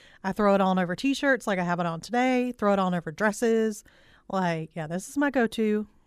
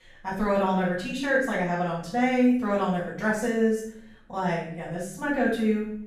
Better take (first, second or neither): first